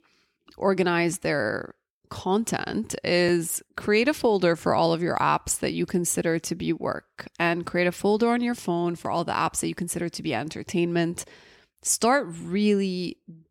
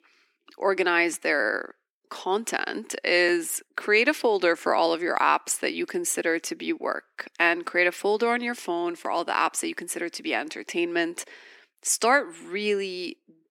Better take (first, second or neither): first